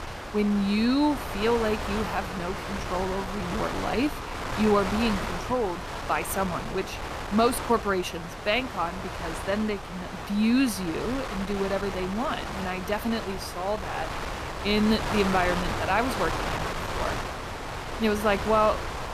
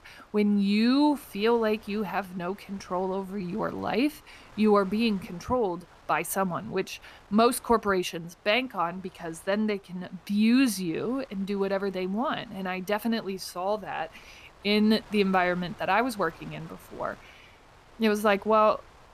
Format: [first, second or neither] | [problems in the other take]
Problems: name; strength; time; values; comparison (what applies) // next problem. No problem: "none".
second | wind noise on the microphone; heavy; 4 dB below the speech; occasional gusts in the second